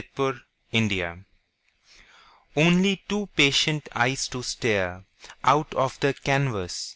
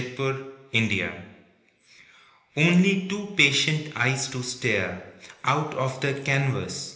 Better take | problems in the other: first | room echo; dies away in 1 s

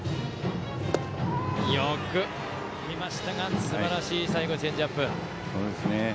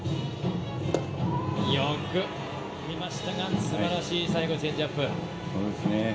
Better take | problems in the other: first | room echo; dies away in 0.6 s

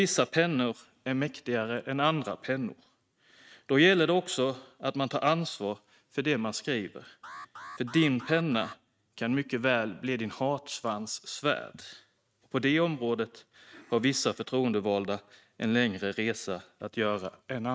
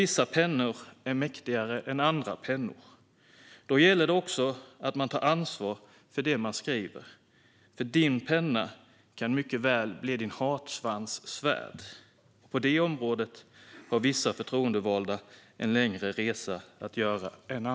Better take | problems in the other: second | noise reduction (neural mask model RNNoise)

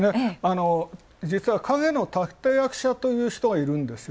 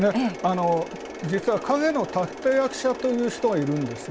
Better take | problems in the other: first | background sound (Mechanisms); 12 dB below the speech

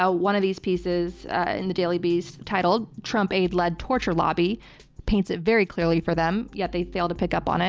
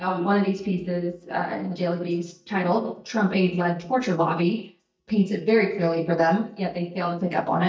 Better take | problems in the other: first | noise reduction (neural mask model DeepFilterNet 3)

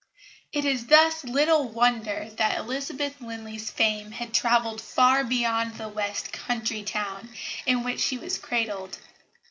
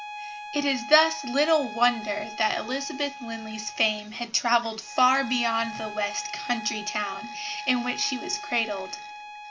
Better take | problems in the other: first | background sound (Bowed string instrument); 12 dB below the speech

